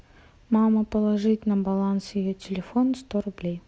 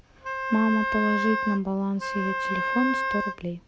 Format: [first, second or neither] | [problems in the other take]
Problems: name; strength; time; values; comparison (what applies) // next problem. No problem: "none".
first | background sound (Wind instrument, woodwind instrument); 2 dB below the speech